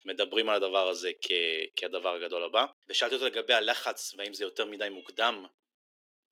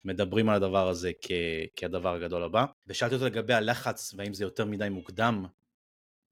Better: second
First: thin; very; fading below 300 Hz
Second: none

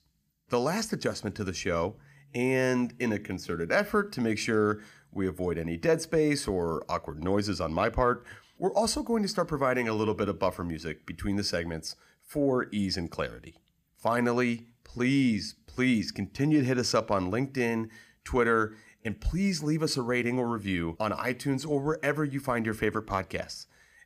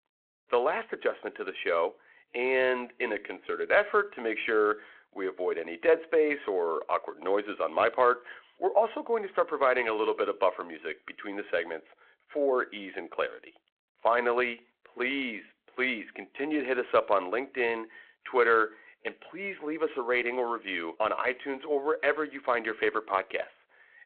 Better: first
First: none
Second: phone-call audio

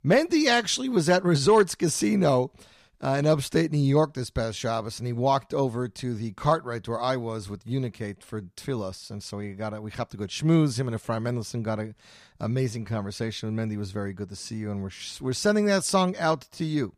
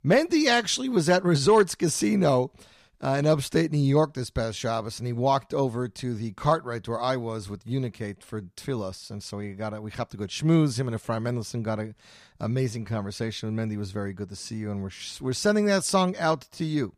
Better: neither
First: none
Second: none

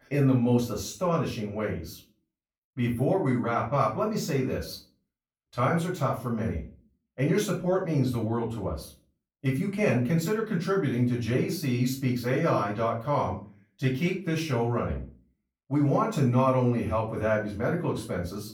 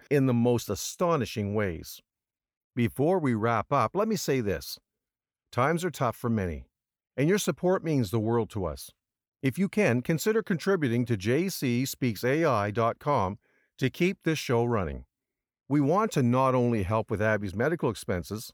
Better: second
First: off-mic speech; far // room echo; slight; dies away in 0.3 s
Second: none

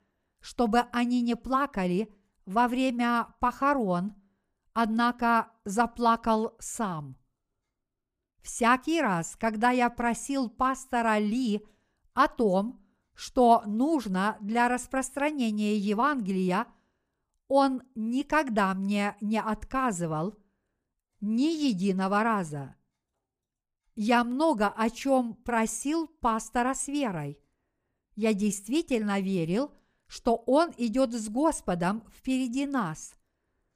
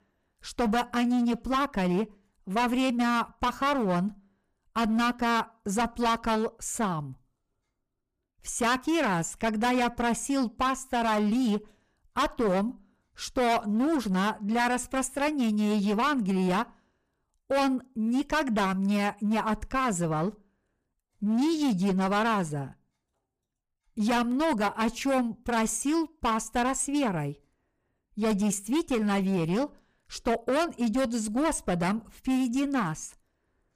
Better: first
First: none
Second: distortion; heavy; 15% of the sound clipped

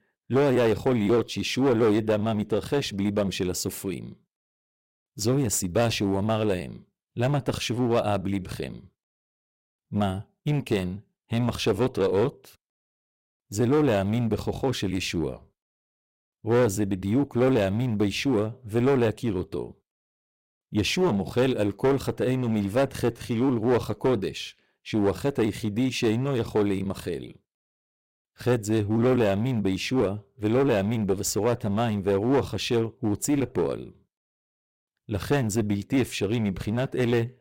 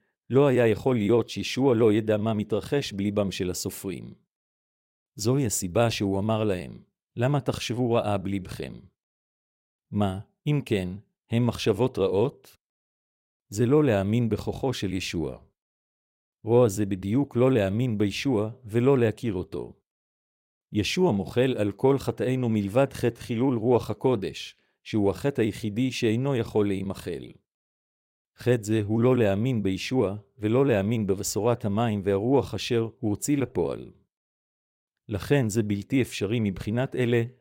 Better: second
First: distortion; slight; 7% of the sound clipped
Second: none

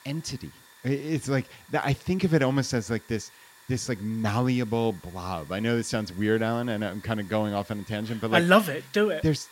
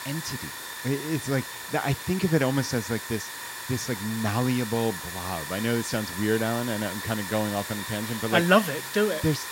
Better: first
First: hiss; faint; throughout; 25 dB below the speech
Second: hiss; loud; throughout; 7 dB below the speech

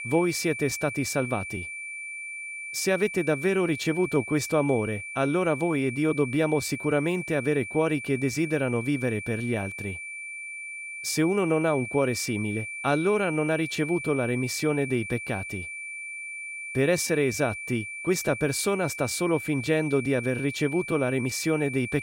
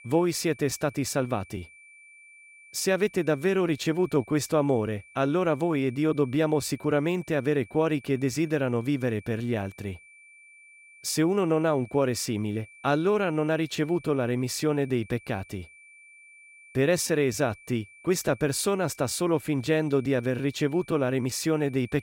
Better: second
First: high-pitched whine; loud; throughout; 2.5 kHz, 8 dB below the speech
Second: high-pitched whine; faint; throughout; 2.5 kHz, 25 dB below the speech

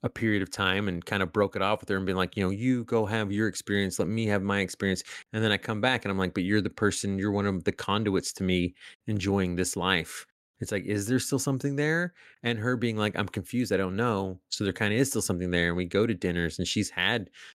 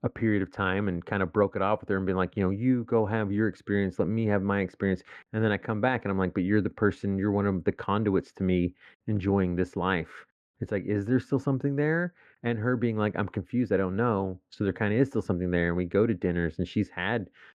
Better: first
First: none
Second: muffled; very; fading above 4 kHz

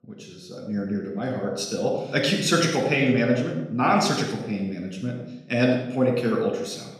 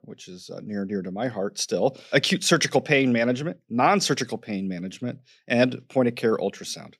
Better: second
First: off-mic speech; somewhat distant // room echo; noticeable; dies away in 0.7 s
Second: none

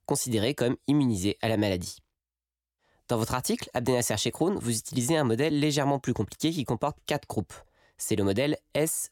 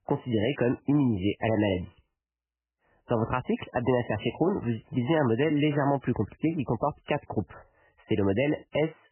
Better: first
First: none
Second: garbled, watery; badly; nothing above 3 kHz

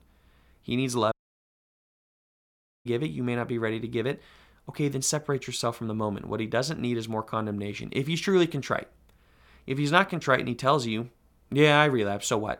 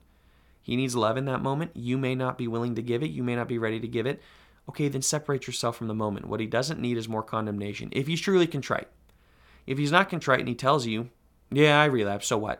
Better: second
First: audio cutting out; at 1 s for 1.5 s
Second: none

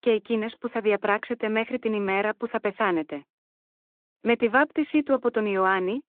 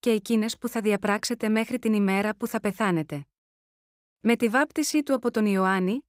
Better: second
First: phone-call audio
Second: none

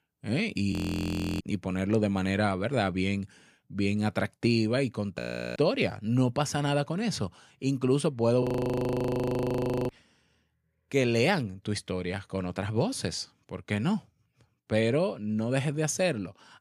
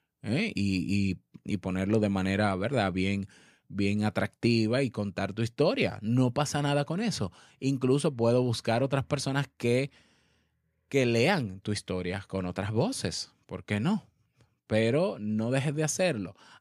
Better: second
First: audio freezing; at 0.5 s for 0.5 s, at 5 s and at 8.5 s for 1.5 s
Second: none

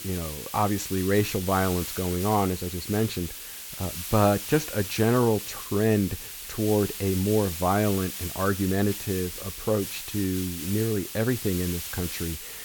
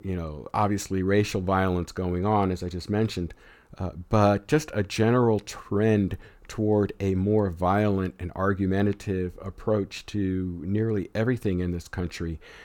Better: second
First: hiss; loud; throughout; 7 dB below the speech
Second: none

